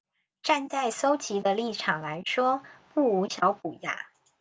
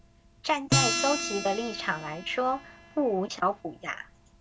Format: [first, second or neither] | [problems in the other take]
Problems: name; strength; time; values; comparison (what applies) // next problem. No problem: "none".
first | background sound (Acoustic guitar); 3 dB below the speech